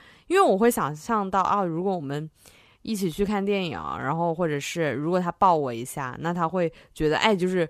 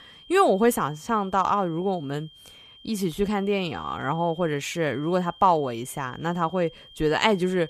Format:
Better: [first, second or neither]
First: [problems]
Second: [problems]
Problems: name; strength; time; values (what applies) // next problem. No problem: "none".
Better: first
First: none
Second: high-pitched whine; faint; throughout; 3 kHz, 20 dB below the speech